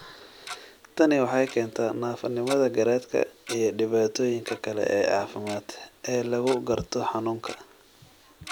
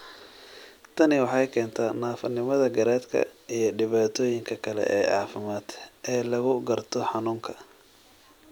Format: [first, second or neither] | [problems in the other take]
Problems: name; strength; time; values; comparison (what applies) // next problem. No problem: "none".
second | background sound (Tick-tock); 18 dB below the speech